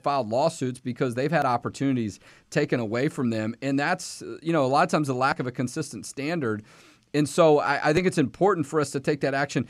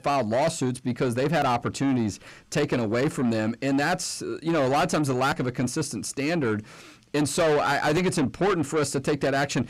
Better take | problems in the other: first | distortion; heavy; 8 dB below the speech

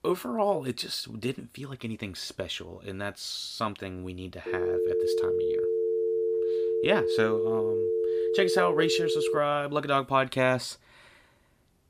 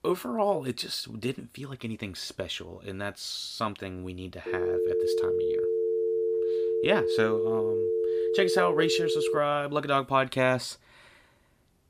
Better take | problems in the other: neither | phone ringing; loud; from 4.5 to 9.5 s; peak 3 dB above the speech; the same in both

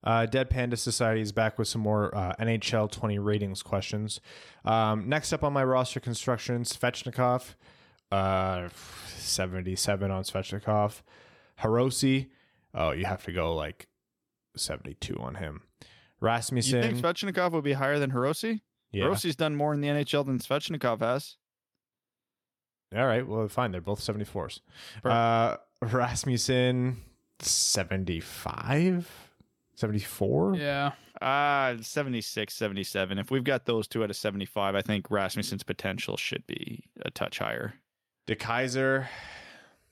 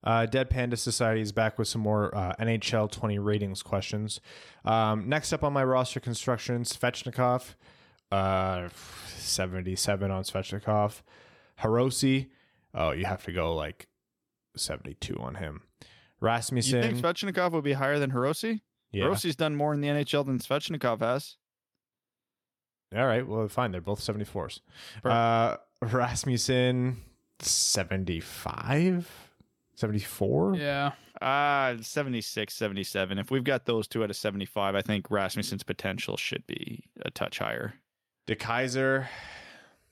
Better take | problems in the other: neither | none

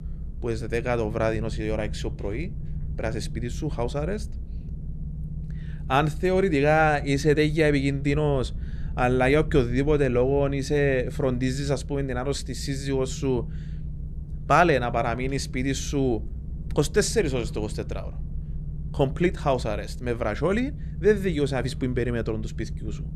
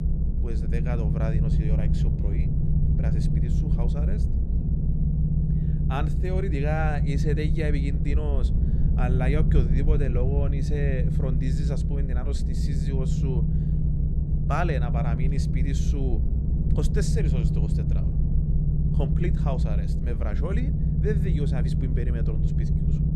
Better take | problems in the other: first | low rumble; loud; throughout; 2 dB below the speech; faint in the first

